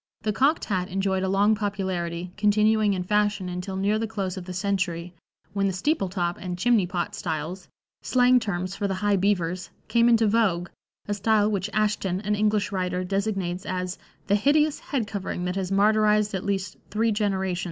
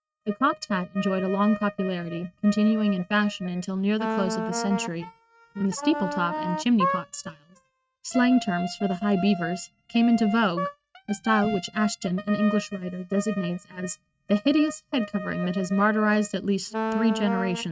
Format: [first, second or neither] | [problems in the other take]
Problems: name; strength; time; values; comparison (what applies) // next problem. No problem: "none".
first | noise reduction (neural mask model RNNoise)